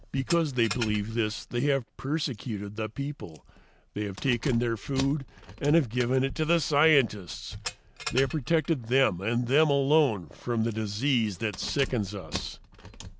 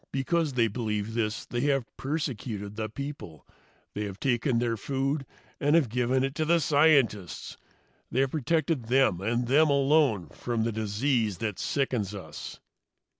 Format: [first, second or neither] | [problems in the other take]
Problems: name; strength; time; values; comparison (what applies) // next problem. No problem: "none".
second | background sound (Keys jangling); 14 dB below the speech